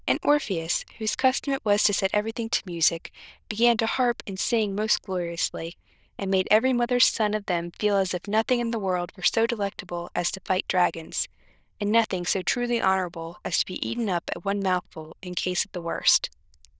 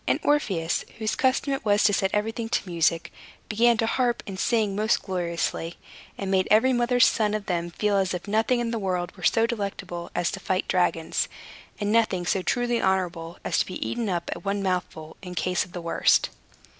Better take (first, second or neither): second